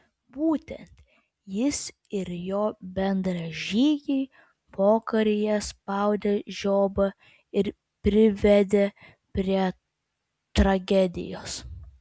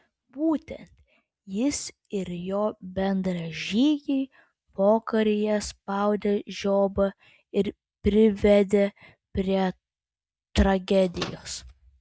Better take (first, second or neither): first